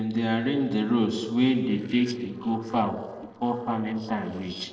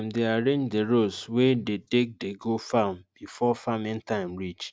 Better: second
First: noise reduction (neural separator model SepFormer DNS4)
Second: none

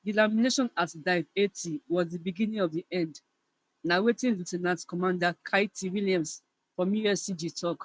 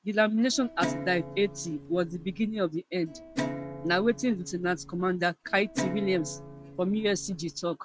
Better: first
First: none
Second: background sound (Guitar); 10 dB below the speech

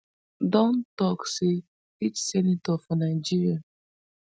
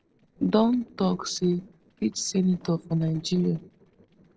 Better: first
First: none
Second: noise reduction (neural separator model SepFormer DNS4)

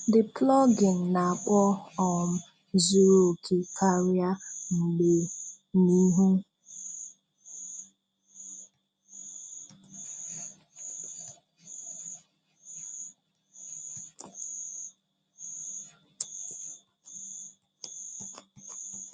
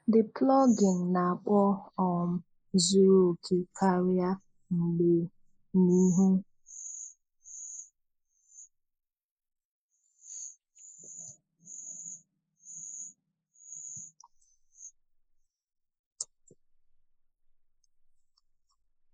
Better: first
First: none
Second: noise reduction (neural mask model Resemble Enhance denoiser)

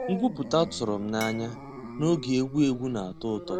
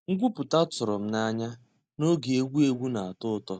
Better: second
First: background sound (Dog + Glass); 11 dB below the speech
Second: none

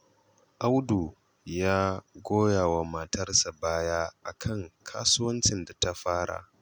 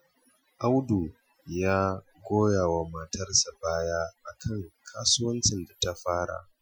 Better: first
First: none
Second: noise reduction (classical method Wiener filter)

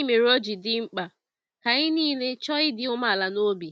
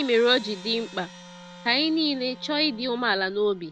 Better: first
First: none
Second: background sound (Crash cymbal + Wind instrument, woodwind instrument); 20 dB below the speech

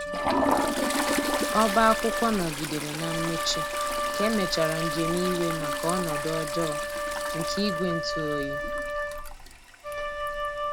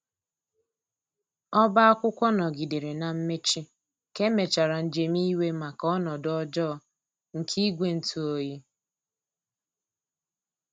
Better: second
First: background sound (Toilet flush + Wind instrument, woodwind instrument); 1 dB above the speech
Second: none

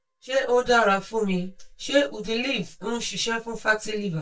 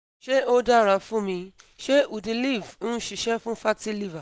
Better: second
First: noise reduction (neural mask model DeepFilterNet 3)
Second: none

